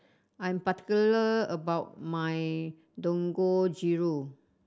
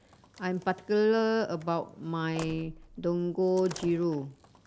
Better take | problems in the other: first | background sound (Slam); 19 dB below the speech

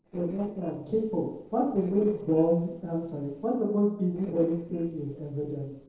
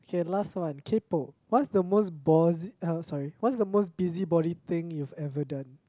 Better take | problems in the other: second | noise reduction (neural separator model SepFormer DNS4)

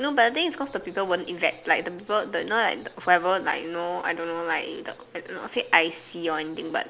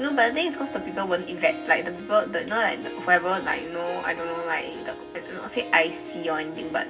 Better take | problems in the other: first | background sound (Harp); 11 dB below the speech // room echo; dies away in 0.4 s

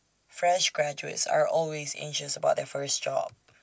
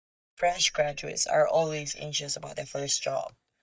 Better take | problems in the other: first | noise reduction (neural mask model DeepFilterNet 3)

